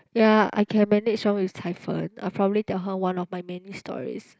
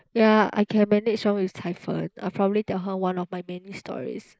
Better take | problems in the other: first | noise reduction (neural mask model Resemble Enhance denoiser)

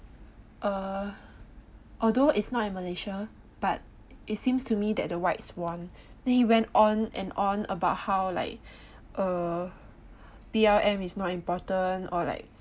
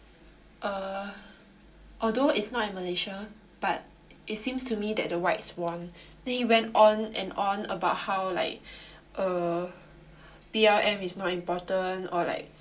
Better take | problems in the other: first | room echo; dies away in 0.2 s

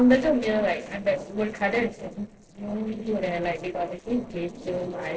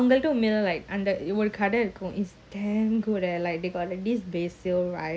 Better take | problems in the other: second | noise reduction (neural separator model SepFormer DNS4)

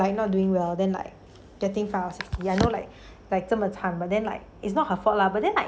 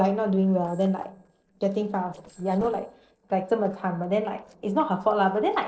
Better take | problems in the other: first | noise reduction (neural separator model SepFormer DNS4)

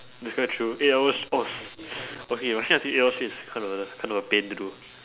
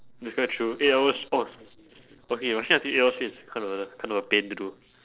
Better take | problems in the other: first | noise reduction (neural separator model SepFormer DNS4)

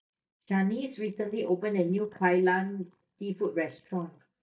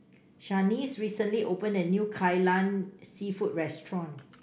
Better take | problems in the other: second | noise reduction (neural mask model DeepFilterNet 3)

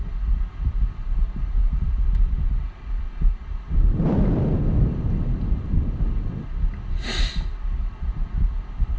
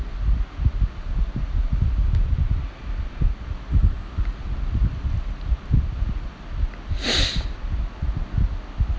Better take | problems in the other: second | background sound (Wind); 7 dB below the speech // room echo; dies away in 0.2 s

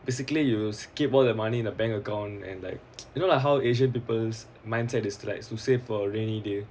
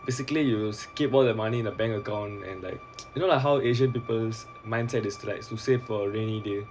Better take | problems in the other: first | background sound (Bowed string instrument); 20 dB below the speech

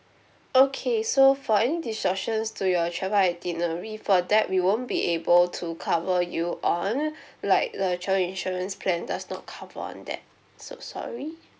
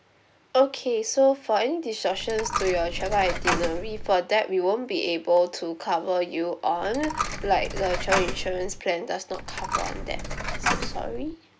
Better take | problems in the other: first | background sound (Coin (dropping)); 3 dB below the speech

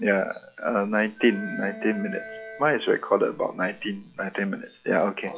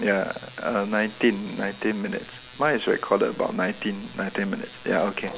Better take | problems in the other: second | noise reduction (classical method log-MMSE)

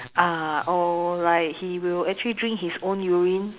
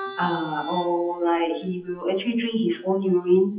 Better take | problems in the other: first | noise reduction (classical method WPE with log-MMSE)

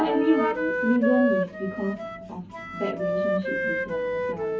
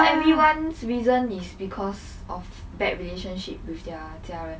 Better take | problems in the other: second | background sound (Wind instrument, woodwind instrument); 1 dB below the speech // room echo; dies away in 0.4 s

